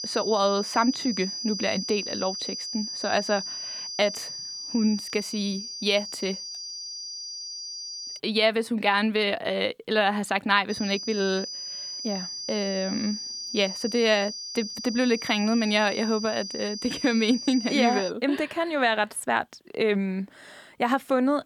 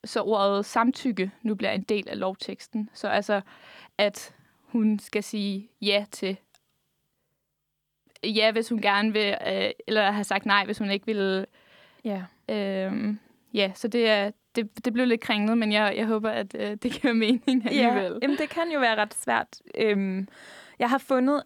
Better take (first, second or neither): second